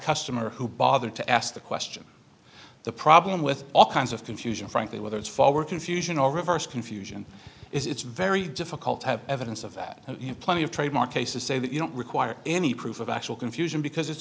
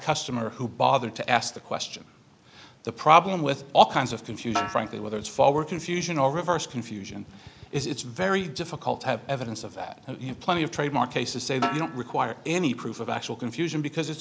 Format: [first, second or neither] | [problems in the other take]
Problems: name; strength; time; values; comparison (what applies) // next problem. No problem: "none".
first | background sound (Snare drum); 10 dB below the speech